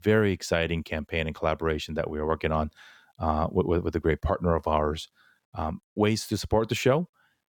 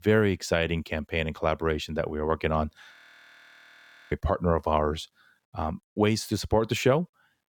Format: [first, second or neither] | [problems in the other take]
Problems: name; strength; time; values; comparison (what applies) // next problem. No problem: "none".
first | audio freezing; at 3 s for 1 s